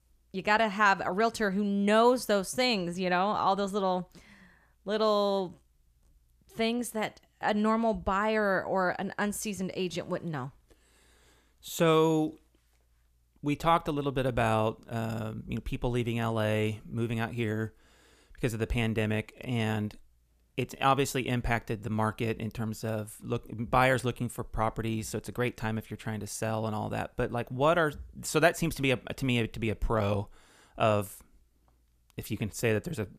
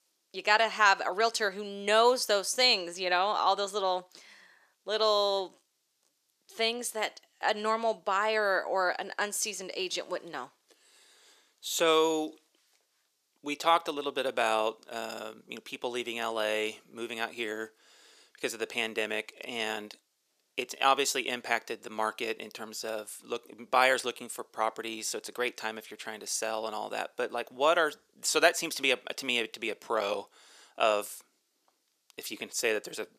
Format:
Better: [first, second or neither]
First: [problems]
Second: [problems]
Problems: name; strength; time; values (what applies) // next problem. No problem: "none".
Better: first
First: none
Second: thin; very; fading below 350 Hz